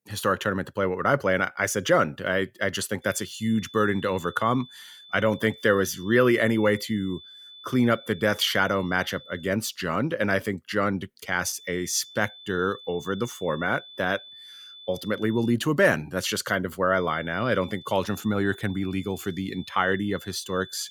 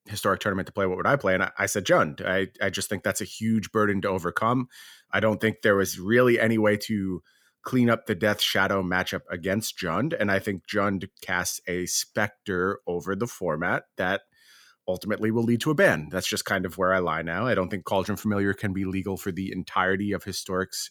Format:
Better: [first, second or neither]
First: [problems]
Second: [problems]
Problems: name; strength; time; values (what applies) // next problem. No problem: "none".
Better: second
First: high-pitched whine; noticeable; from 3 to 9.5 s, from 12 to 16 s and from 17 s on; 3.5 kHz, 20 dB below the speech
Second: none